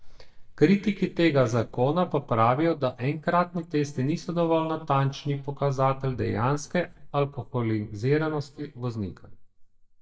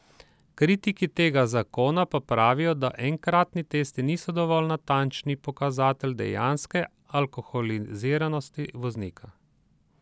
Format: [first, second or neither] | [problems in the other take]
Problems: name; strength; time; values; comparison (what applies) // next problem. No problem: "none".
second | noise reduction (neural mask model DeepFilterNet 3)